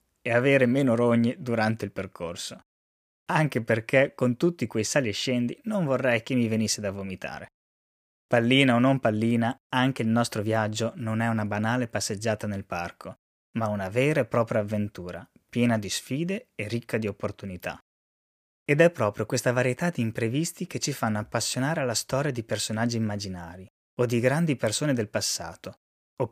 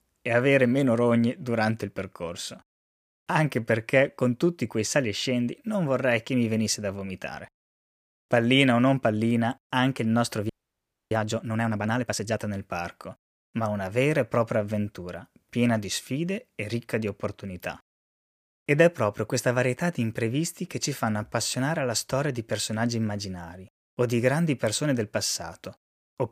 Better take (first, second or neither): first